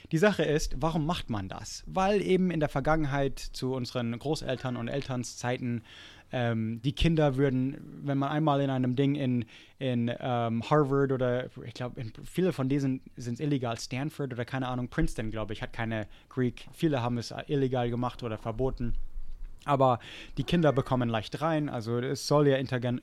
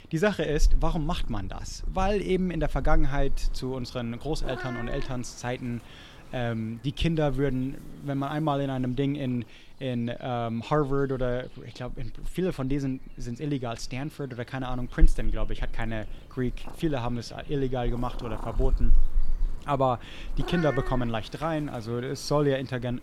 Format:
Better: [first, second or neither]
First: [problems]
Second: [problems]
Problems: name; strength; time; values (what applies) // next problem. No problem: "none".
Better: first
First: animal sounds; faint; throughout; 20 dB below the speech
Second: animal sounds; loud; throughout; 6 dB below the speech